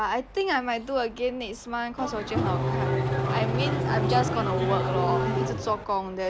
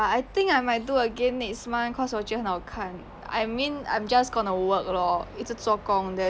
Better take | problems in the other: second | background sound (Race car, auto racing / Engine starting); 3 dB above the speech

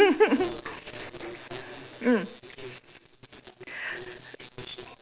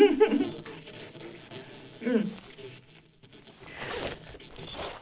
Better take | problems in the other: first | background sound (Zipper (clothing)); 15 dB below the speech // room echo; dies away in 0.4 s

